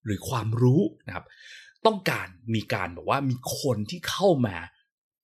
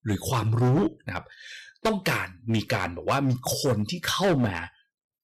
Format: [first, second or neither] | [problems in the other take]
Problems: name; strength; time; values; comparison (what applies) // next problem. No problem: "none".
first | distortion; heavy; 8% of the sound clipped